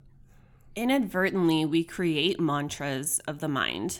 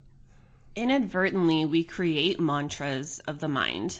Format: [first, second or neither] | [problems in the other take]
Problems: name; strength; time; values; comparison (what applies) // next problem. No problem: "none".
first | garbled, watery; slightly